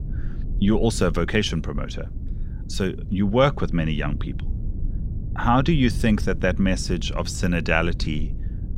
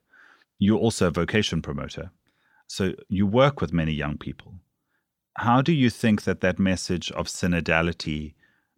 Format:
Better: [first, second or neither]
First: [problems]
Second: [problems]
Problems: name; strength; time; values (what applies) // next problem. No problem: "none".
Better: second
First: low rumble; faint; throughout; 20 dB below the speech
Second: none